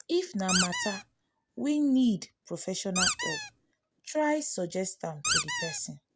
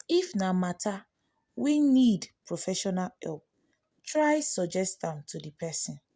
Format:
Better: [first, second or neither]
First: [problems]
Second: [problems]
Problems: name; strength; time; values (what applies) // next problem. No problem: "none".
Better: second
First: background sound (Squeak); 1 dB above the speech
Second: none